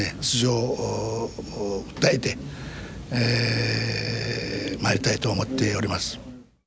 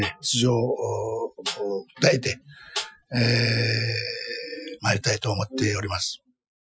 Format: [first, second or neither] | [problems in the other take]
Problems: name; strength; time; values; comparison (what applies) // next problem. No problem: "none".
first | noise reduction (classical method Wiener filter)